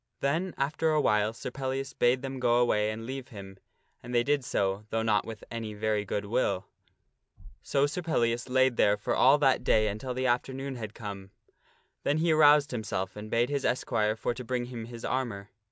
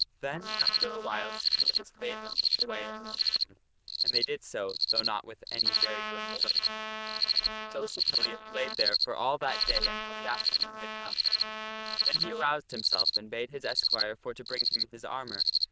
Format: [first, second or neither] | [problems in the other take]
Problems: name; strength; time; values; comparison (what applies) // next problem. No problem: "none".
first | noise reduction (neural diffusion model UNIVERSE++)